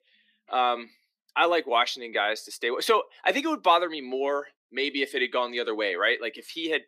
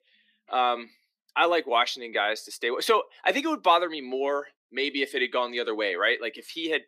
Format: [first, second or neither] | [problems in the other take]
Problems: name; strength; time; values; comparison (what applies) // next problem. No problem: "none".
neither | thin; very slightly; fading below 300 Hz; the same in both